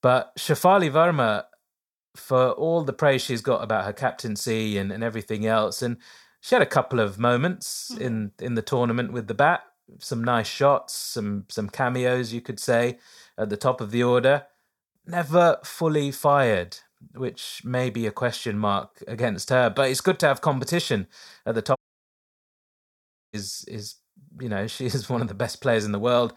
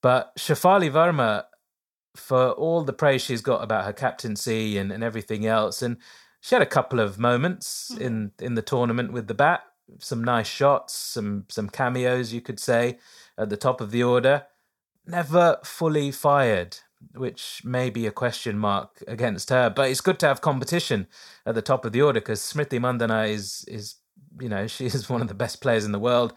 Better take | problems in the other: second | audio cutting out; at 22 s for 1.5 s

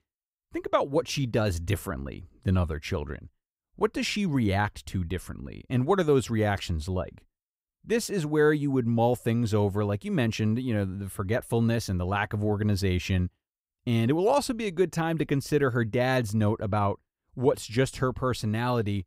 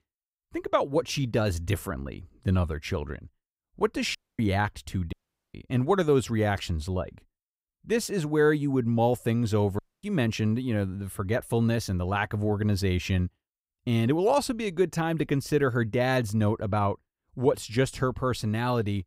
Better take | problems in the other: first | audio cutting out; at 4 s, at 5 s and at 10 s

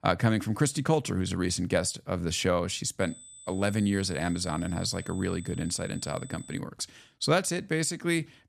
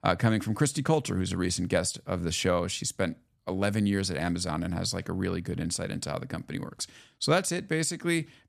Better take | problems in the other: second | high-pitched whine; noticeable; from 3 to 6.5 s; 8 kHz, 15 dB below the speech

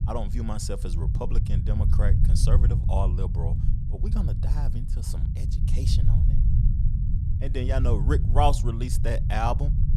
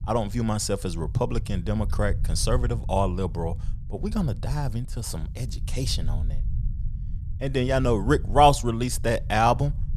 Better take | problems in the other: second | low rumble; loud; throughout; 9 dB below the speech; faint in the second

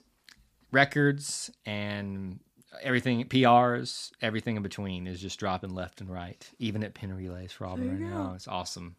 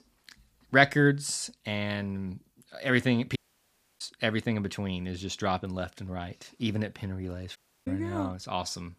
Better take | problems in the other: first | audio cutting out; at 3.5 s for 0.5 s and at 7.5 s

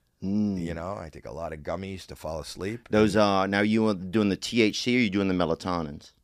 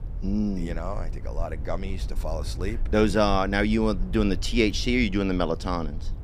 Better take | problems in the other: first | low rumble; faint; throughout; 20 dB below the speech

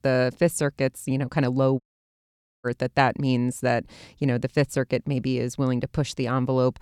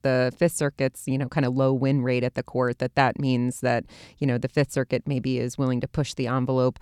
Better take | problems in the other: second | audio cutting out; at 2 s for 1 s

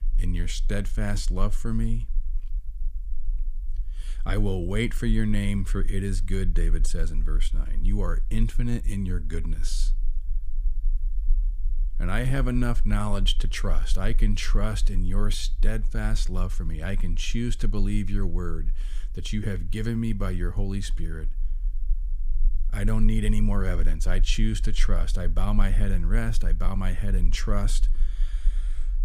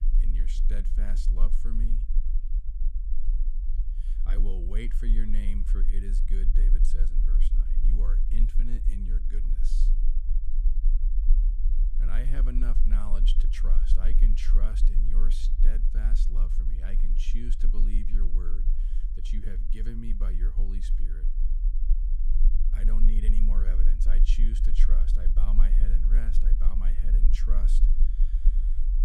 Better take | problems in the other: first | low rumble; loud; throughout; 7 dB below the speech; faint in the first

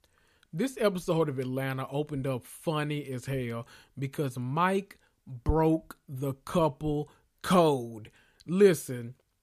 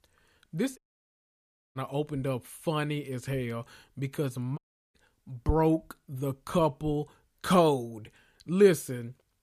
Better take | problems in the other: first | audio cutting out; at 1 s for 1 s and at 4.5 s

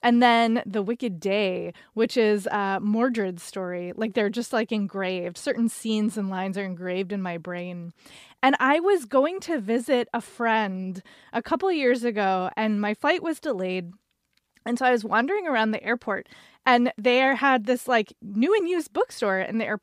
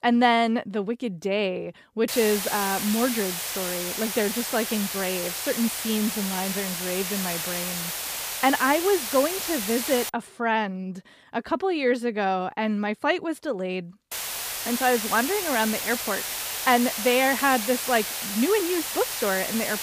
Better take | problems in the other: first | hiss; loud; from 2 to 10 s and from 14 s on; 3 dB below the speech

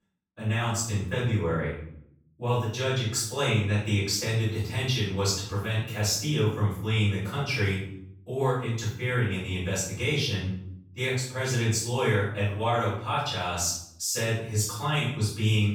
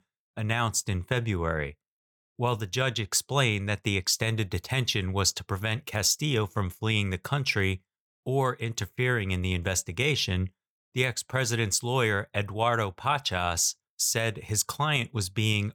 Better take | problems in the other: second | off-mic speech; far // room echo; noticeable; dies away in 0.6 s

